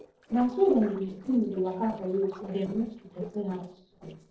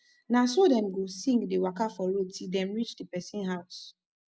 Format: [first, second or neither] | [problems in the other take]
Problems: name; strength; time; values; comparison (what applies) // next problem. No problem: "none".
second | noise reduction (neural separator model SepFormer DNS4)